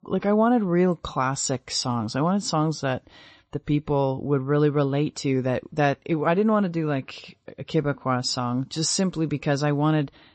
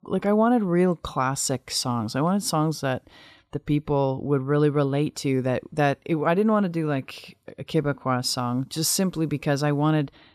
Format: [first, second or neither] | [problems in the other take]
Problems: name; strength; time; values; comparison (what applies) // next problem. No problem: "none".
second | garbled, watery; slightly; nothing above 8 kHz